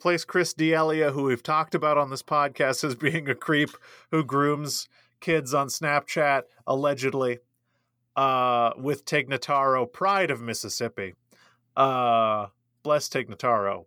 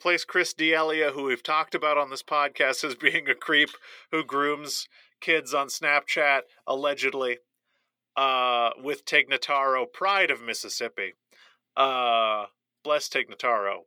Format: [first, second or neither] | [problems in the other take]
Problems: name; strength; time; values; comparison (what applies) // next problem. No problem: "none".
first | thin; somewhat; fading below 400 Hz